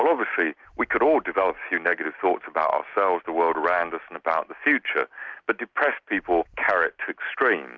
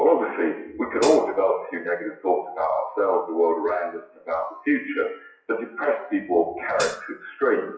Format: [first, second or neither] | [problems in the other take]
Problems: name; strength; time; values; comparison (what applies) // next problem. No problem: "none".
first | noise reduction (classical method WPE with log-MMSE)